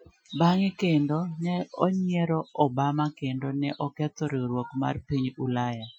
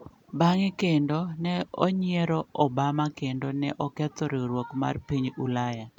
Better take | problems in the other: second | noise reduction (classical method Wiener filter)

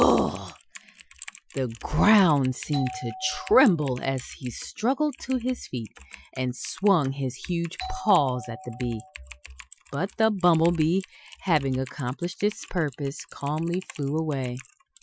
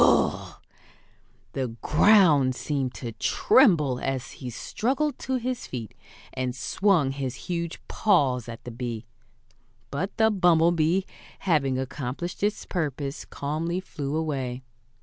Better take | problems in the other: second | noise reduction (classical method Wiener filter)

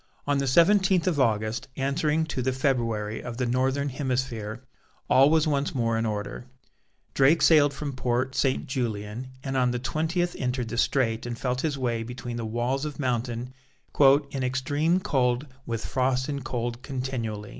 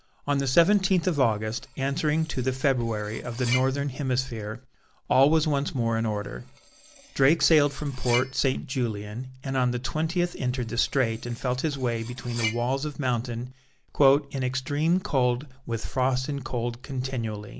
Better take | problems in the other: first | background sound (Cutlery, silverware); 15 dB below the speech

